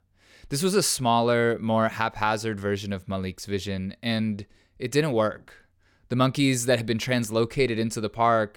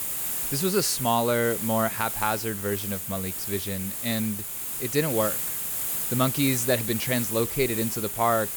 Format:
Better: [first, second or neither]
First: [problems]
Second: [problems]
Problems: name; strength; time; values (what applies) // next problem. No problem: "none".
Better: first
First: none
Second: hiss; loud; throughout; 1 dB below the speech